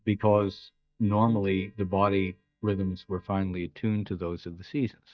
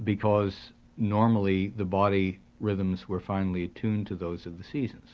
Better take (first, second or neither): second